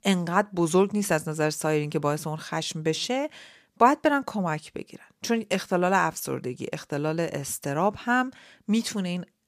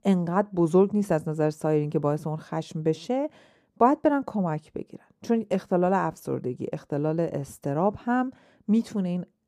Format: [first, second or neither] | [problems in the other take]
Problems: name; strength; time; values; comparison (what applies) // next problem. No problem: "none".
first | muffled; slightly; fading above 1 kHz